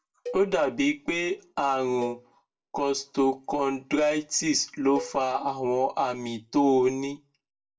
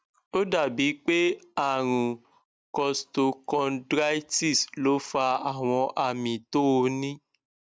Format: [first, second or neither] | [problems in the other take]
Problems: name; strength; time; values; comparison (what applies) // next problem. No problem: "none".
second | background sound (Cowbell); 17 dB below the speech // room echo; dies away in 0.2 s